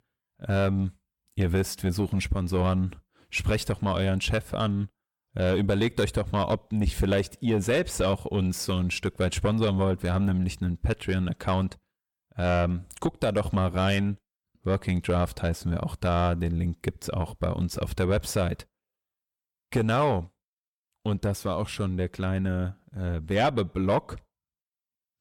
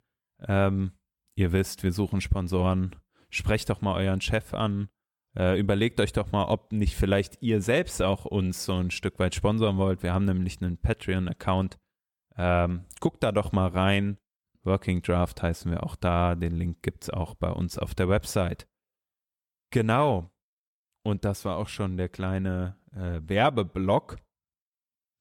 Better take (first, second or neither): second